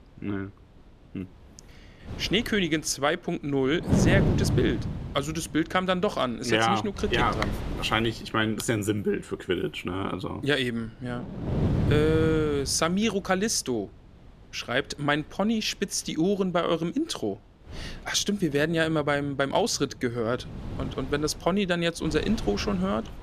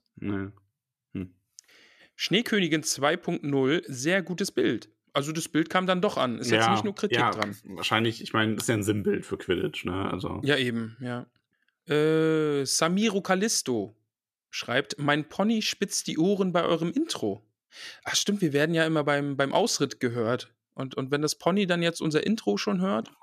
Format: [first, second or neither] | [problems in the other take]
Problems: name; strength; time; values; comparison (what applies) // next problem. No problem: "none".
second | wind noise on the microphone; occasional gusts; 10 dB below the speech